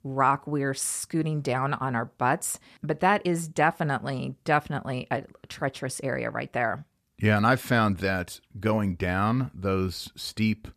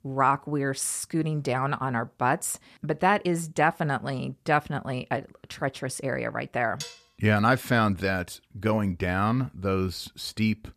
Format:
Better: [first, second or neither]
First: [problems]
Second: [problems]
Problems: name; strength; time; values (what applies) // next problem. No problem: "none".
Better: first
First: none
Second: clattering dishes; faint; at 7 s; peak 10 dB below the speech